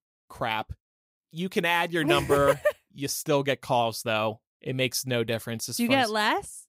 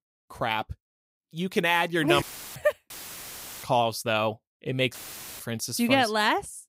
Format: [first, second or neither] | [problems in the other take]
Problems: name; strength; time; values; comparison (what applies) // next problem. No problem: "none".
first | audio cutting out; filled with static; at 2 s, at 3 s for 0.5 s and at 5 s